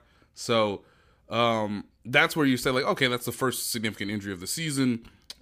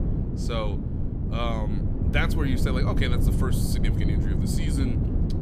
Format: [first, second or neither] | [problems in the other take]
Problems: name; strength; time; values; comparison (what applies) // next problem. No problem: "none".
first | wind noise on the microphone; heavy; 4 dB below the speech